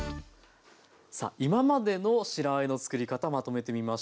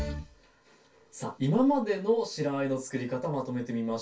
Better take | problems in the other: first | room echo; dies away in 0.2 s

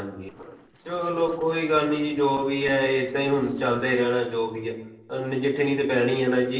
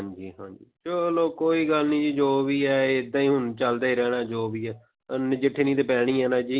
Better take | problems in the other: second | noise reduction (neural separator model SepFormer DNS4)

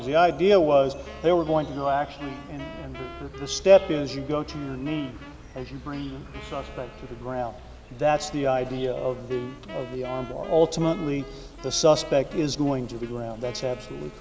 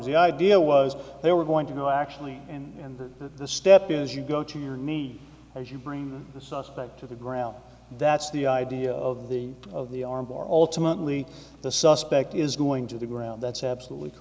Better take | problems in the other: second | background sound (Wind instrument, woodwind instrument + Insect); 16 dB below the speech

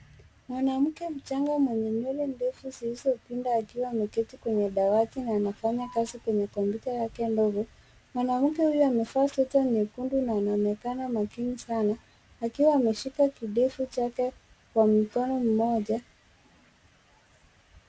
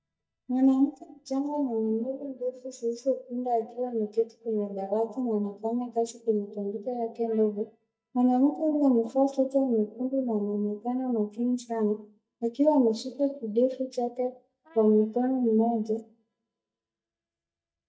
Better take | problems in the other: first | noise reduction (neural mask model DeepFilterNet 3)

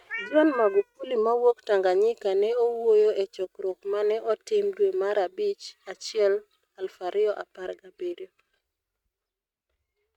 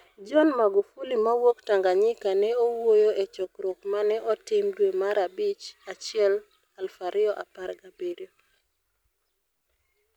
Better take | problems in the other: second | noise reduction (neural mask model RNNoise)

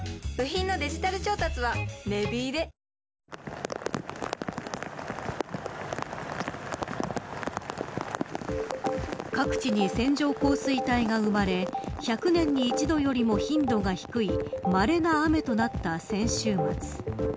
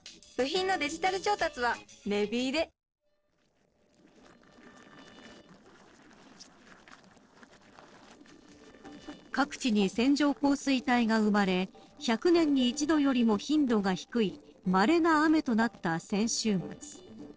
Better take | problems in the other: first | noise reduction (neural separator model SepFormer DNS4)

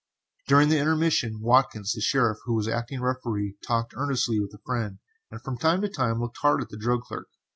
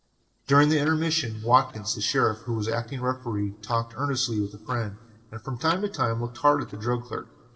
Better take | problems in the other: first | noise reduction (neural separator model SepFormer DNS4)

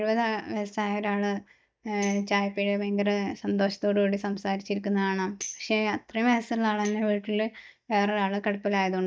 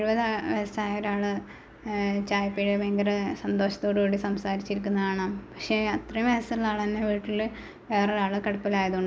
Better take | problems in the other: second | noise reduction (neural mask model DeepFilterNet 3)

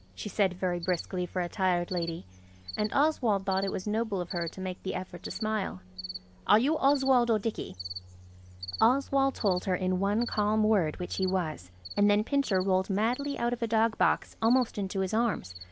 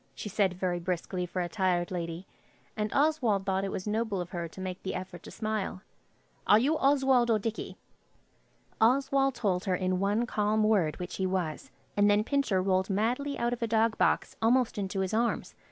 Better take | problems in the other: second | background sound (Cricket); 16 dB below the speech

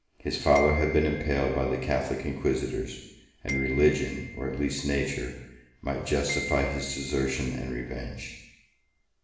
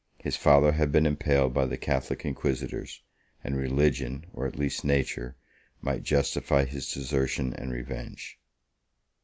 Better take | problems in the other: second | background sound (Glockenspiel); 13 dB below the speech // room echo; dies away in 0.9 s

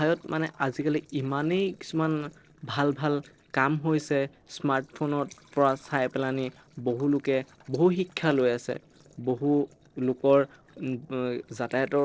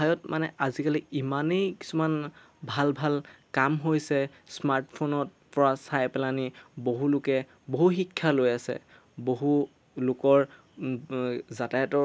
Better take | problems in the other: second | noise reduction (neural separator model SepFormer DNS4)

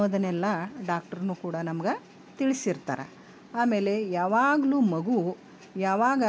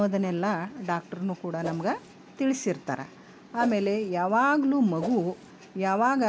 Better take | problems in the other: first | background sound (Whoosh, swoosh, swish); 12 dB below the speech

